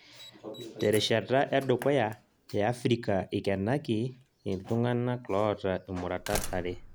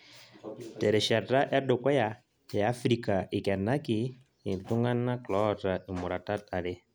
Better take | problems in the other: second | background sound (Slam); 15 dB below the speech

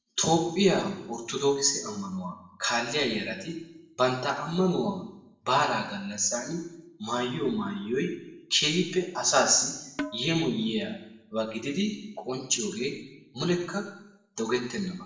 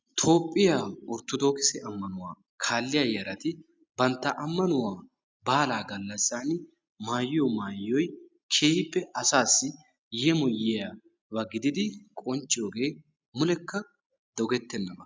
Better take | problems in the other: second | background sound (Percussion); 9 dB below the speech // room echo; dies away in 0.7 s

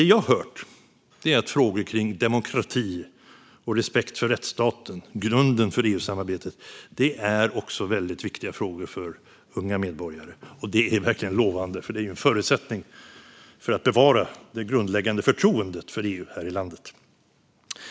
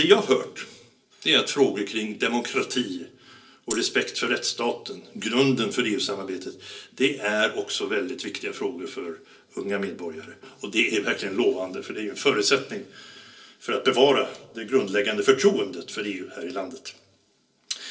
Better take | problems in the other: first | noise reduction (neural separator model SepFormer DNS4)

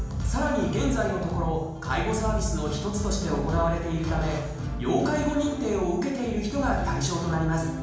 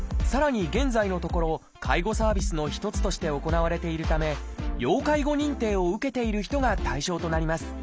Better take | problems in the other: second | background sound (Water); 18 dB below the speech // room echo; dies away in 1 s

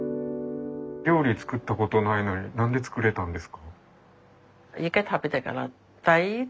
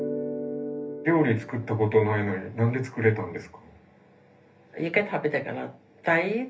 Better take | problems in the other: first | room echo; dies away in 0.3 s

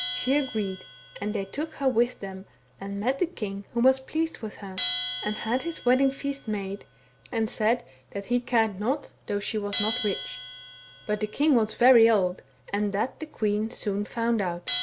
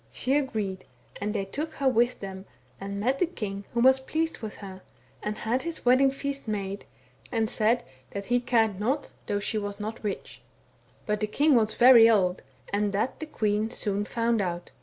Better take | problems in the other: second | background sound (Bell); 13 dB below the speech

